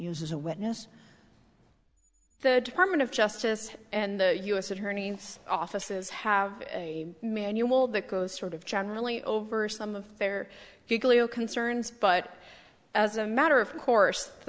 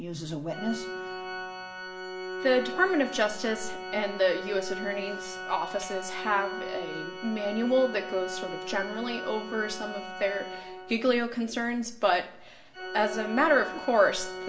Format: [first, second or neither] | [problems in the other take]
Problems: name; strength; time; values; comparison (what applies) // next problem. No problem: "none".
first | background sound (Organ); 9 dB below the speech // room echo; dies away in 0.4 s